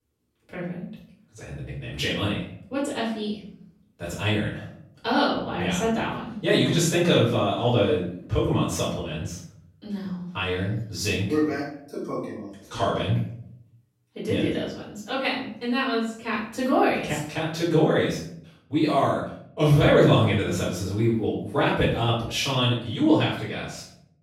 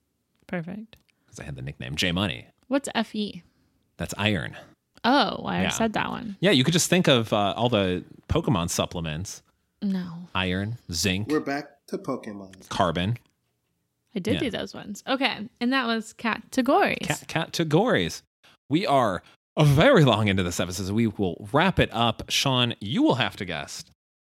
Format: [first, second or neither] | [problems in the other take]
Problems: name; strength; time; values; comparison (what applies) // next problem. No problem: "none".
second | off-mic speech; far // room echo; noticeable; dies away in 0.5 s